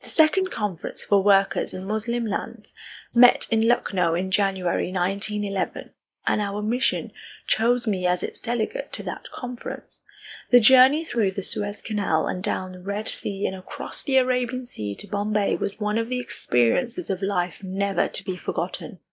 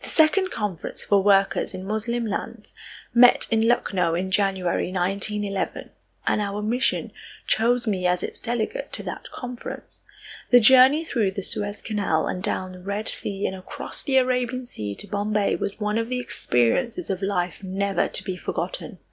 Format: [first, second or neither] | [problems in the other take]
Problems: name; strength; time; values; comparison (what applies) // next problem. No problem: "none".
second | noise reduction (neural mask model Resemble Enhance denoiser)